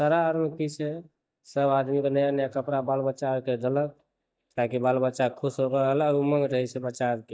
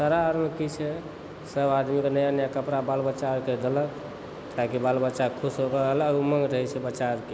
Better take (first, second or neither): second